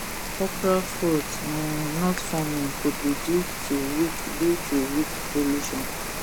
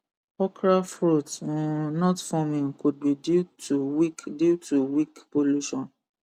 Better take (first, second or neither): second